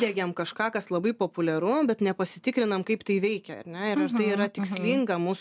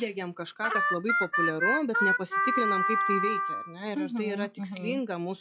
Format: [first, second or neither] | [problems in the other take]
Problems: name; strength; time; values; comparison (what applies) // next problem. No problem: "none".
first | noise reduction (classical method log-MMSE)